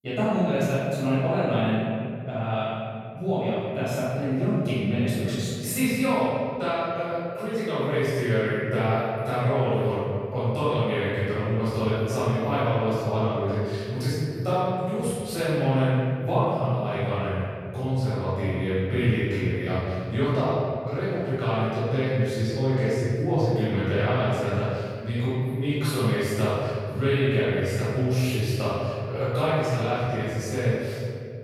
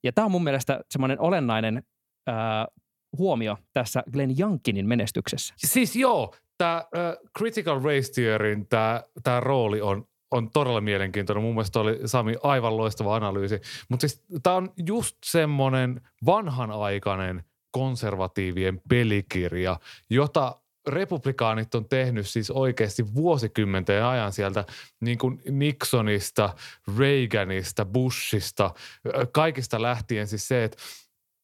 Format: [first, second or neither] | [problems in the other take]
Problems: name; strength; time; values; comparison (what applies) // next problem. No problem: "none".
second | off-mic speech; far // room echo; strong; dies away in 2.5 s